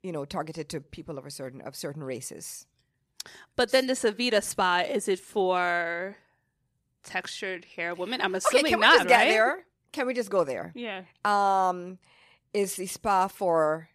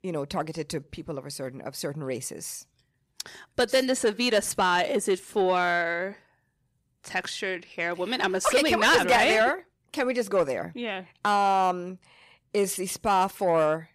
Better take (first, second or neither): first